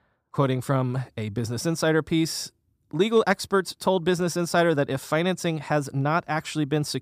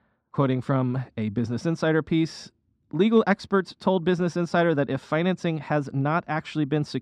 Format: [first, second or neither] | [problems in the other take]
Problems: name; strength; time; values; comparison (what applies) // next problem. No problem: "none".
first | muffled; slightly; fading above 3.5 kHz